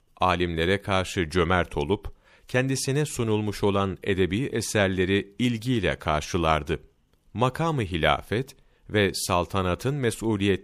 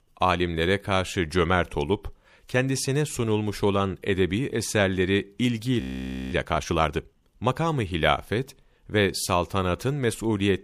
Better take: first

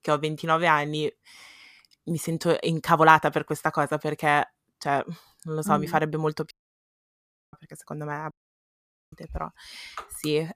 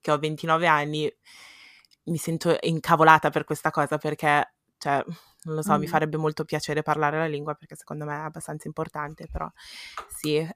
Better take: second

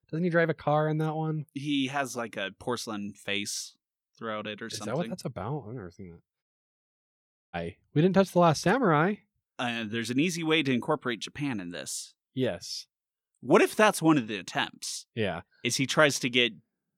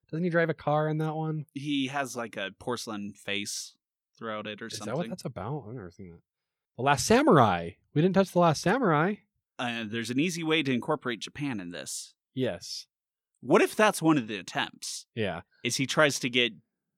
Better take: second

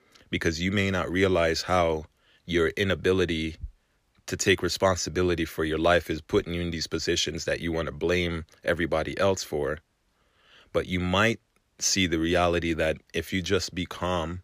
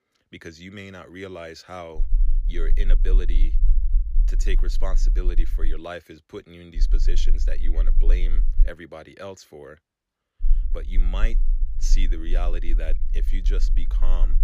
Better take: first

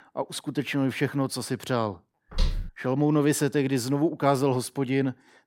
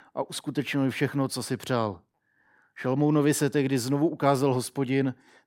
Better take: second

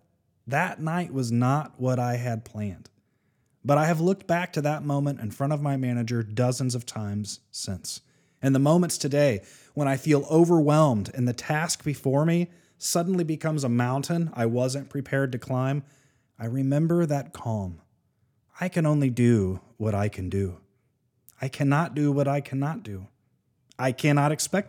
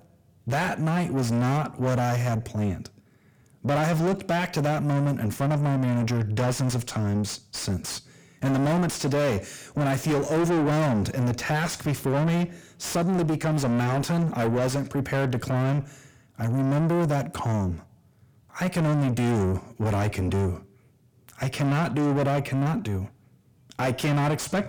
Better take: first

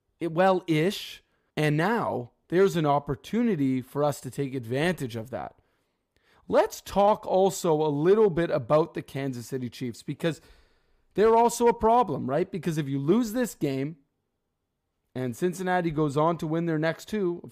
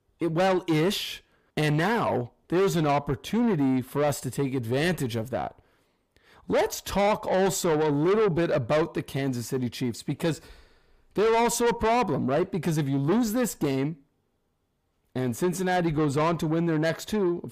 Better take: first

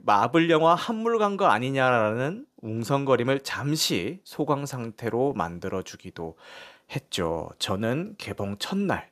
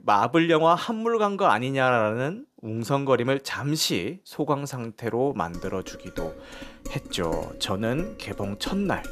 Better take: first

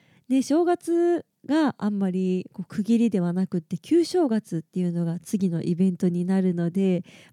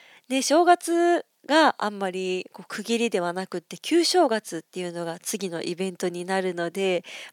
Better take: first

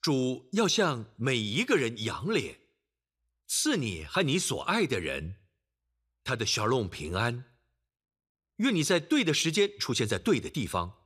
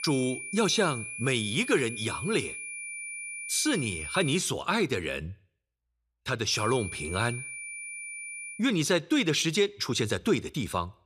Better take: first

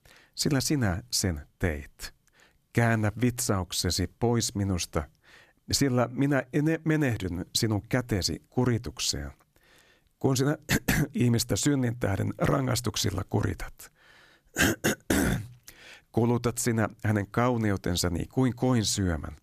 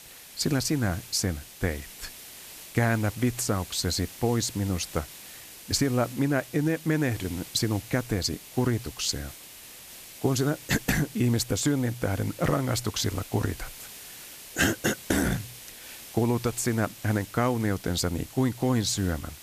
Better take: first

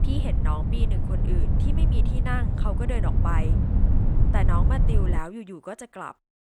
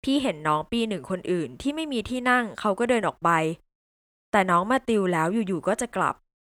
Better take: second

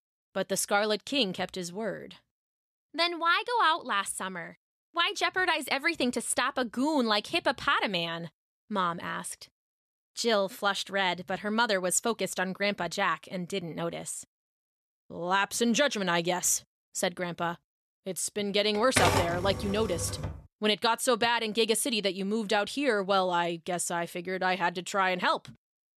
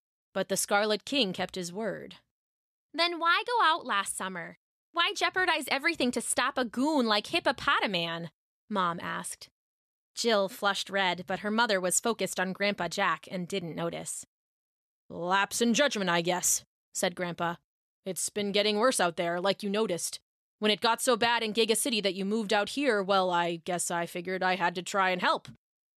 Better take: second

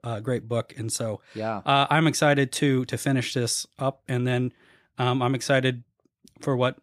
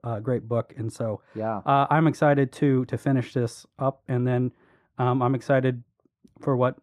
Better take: first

